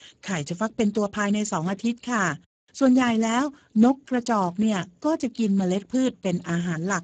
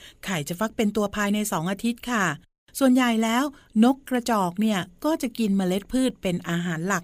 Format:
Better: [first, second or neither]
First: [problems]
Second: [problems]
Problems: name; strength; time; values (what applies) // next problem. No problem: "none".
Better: second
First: garbled, watery; badly; nothing above 7.5 kHz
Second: none